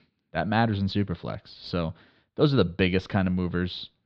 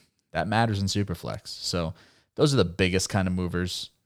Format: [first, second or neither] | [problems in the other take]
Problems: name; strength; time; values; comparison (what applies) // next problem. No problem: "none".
second | muffled; slightly; fading above 4 kHz